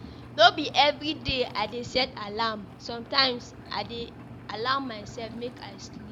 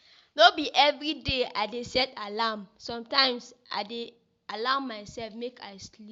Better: second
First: background sound (Engine); 15 dB below the speech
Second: none

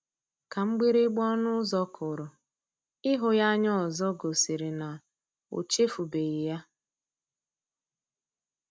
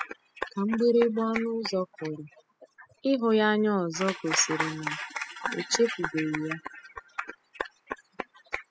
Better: first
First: none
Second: noise reduction (classical method spectral subtraction)

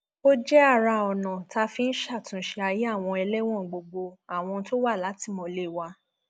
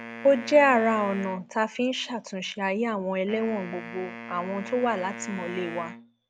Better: first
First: none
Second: background sound (Wind instrument, woodwind instrument); 14 dB below the speech

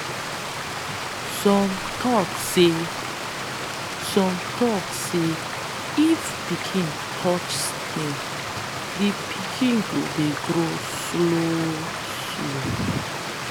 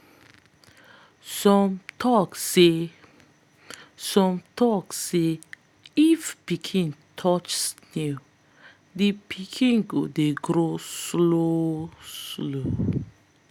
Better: second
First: background sound (Stream); 4 dB below the speech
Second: none

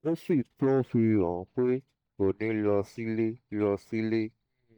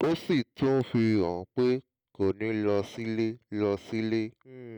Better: second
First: noise reduction (neural mask model DeepFilterNet 3)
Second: none

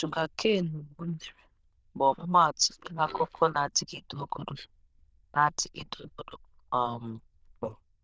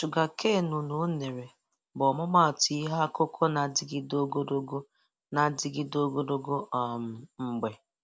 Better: second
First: noise reduction (neural diffusion model UNIVERSE++)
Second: none

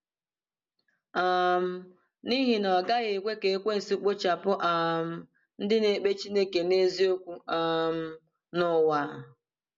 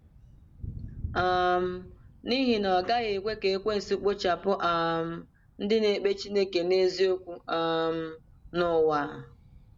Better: first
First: none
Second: background sound (Thunder); 19 dB below the speech

